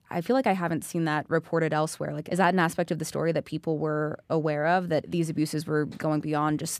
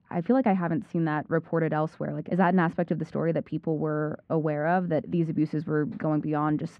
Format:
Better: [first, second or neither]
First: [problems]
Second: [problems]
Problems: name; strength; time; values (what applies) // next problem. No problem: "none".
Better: first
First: none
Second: muffled; very; fading above 2 kHz